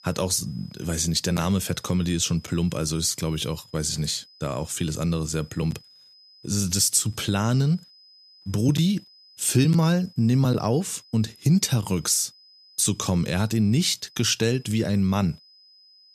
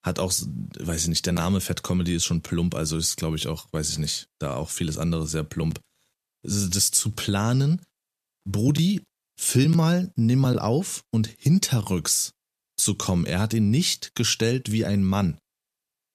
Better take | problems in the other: second | high-pitched whine; faint; throughout; 5 kHz, 25 dB below the speech

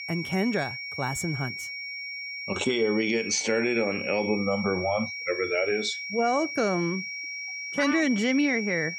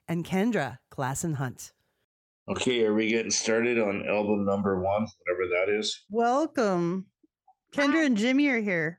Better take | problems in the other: second | high-pitched whine; loud; throughout; 2.5 kHz, 6 dB below the speech

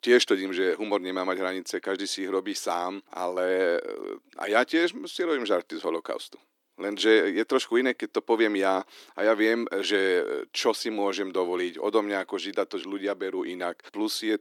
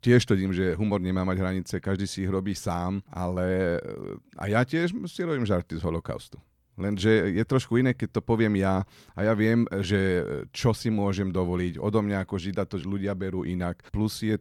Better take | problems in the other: second | thin; somewhat; fading below 300 Hz

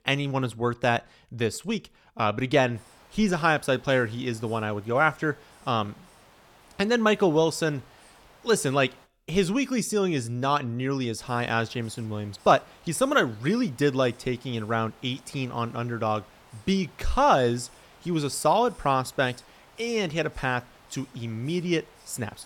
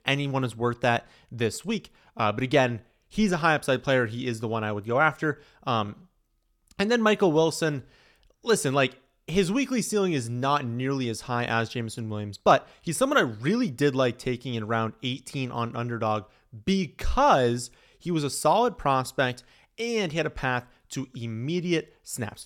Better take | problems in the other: second | hiss; faint; from 2.5 to 9 s and from 11 s on; 25 dB below the speech

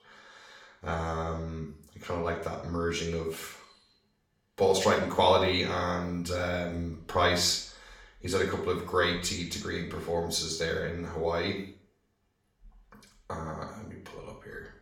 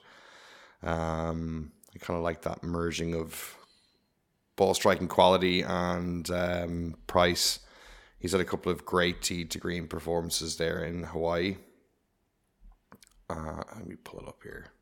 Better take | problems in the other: second | room echo; noticeable; dies away in 0.5 s // off-mic speech; far

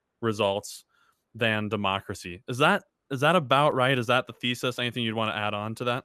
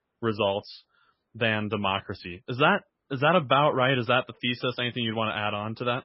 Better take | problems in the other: first | garbled, watery; badly; nothing above 5.5 kHz

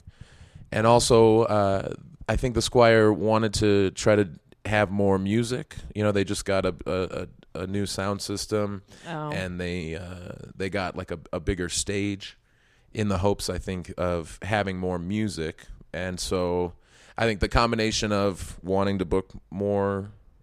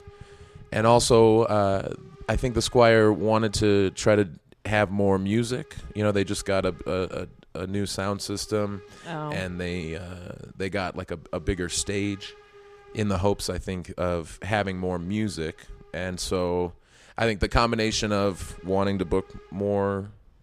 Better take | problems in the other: first | hiss; faint; throughout; 25 dB below the speech

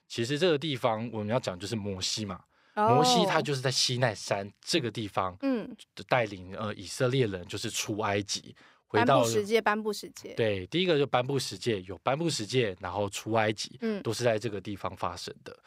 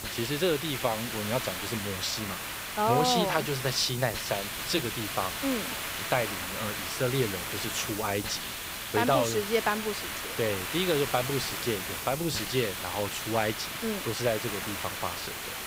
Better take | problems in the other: first | hiss; loud; throughout; 3 dB below the speech

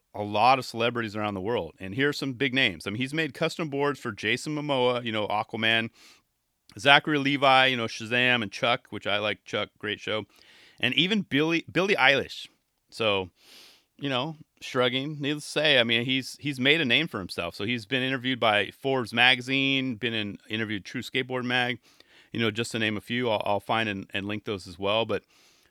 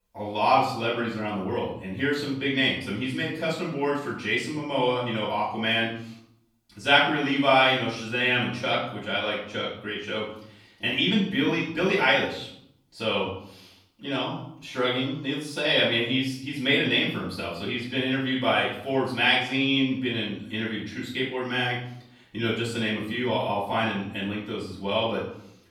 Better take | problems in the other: first | off-mic speech; far // room echo; noticeable; dies away in 0.7 s

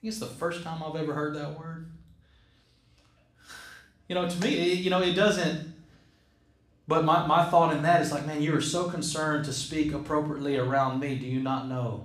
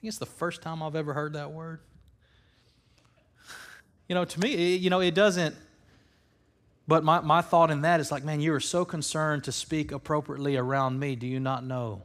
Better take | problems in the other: second | room echo; slight; dies away in 0.5 s // off-mic speech; somewhat distant

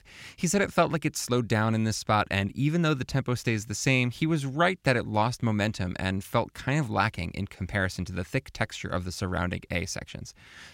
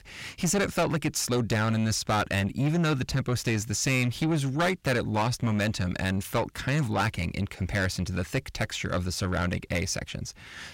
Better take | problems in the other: first | distortion; heavy; 7 dB below the speech

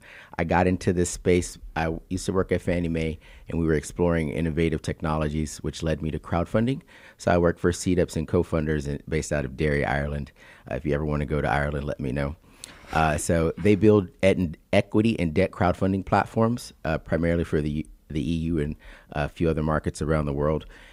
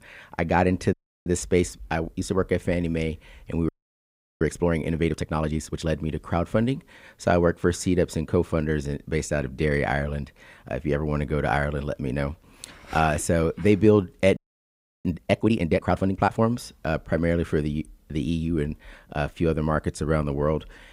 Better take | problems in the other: first | audio freezing; at 1 s, at 3.5 s for 0.5 s and at 14 s for 0.5 s

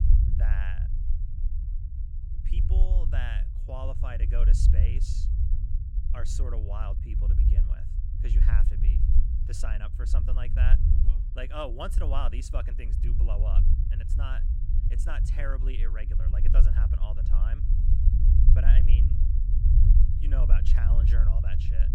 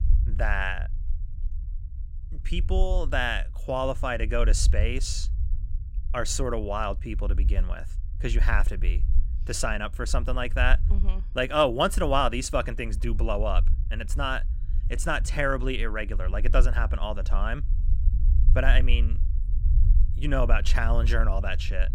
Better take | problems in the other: second | low rumble; loud; throughout; 4 dB below the speech; faint in the second

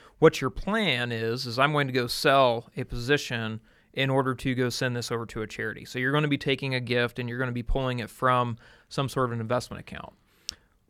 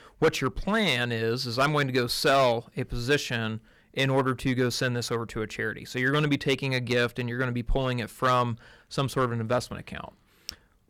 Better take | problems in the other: first | distortion; slight; 3% of the sound clipped

